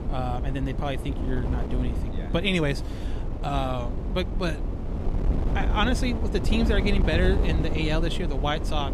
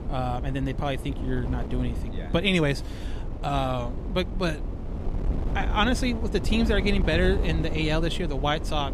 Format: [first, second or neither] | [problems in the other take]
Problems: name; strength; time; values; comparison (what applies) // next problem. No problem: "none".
second | wind noise on the microphone; heavy; 8 dB below the speech; occasional gusts in the second